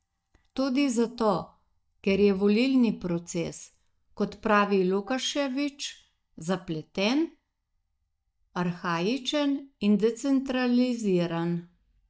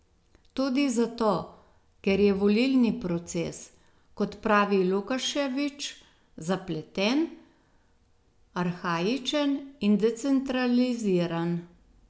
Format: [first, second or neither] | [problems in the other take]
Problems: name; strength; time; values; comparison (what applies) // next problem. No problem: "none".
second | noise reduction (neural mask model DeepFilterNet 3)